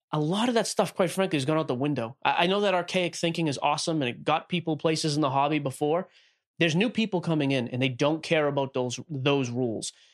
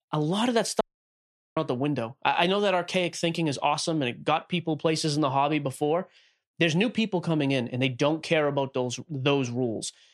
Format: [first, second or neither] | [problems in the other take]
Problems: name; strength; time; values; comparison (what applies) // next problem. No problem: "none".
first | audio cutting out; at 1 s for 1 s